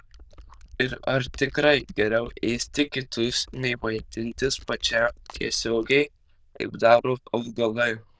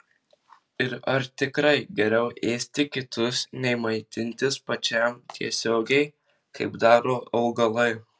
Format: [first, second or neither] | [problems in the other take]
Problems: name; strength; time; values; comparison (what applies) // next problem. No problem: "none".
second | noise reduction (neural diffusion model UNIVERSE++)